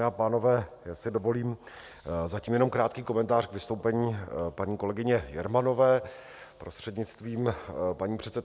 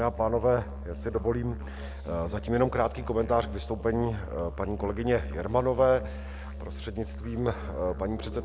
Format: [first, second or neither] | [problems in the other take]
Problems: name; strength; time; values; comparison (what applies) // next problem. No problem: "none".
first | background sound (Musical instrument); 9 dB below the speech